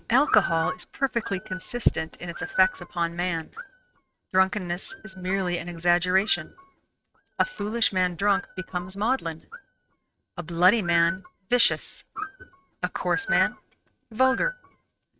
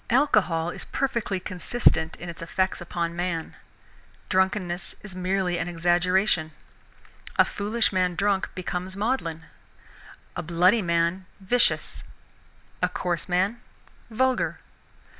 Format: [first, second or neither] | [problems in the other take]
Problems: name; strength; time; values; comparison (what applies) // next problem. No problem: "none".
second | noise reduction (neural mask model RNNoise)